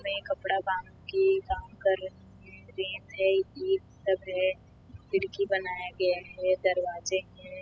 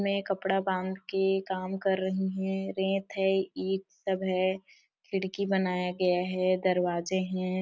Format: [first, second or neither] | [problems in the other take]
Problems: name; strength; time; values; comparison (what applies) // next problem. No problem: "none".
second | noise reduction (classical method spectral subtraction)